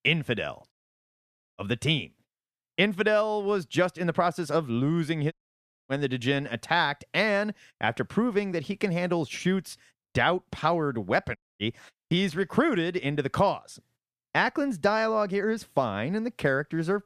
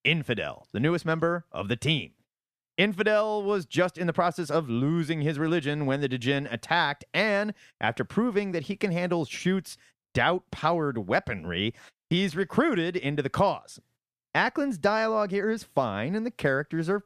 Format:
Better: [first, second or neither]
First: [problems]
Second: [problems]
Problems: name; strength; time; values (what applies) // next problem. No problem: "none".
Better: second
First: audio cutting out; at 0.5 s for 1 s, at 5.5 s for 0.5 s and at 11 s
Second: none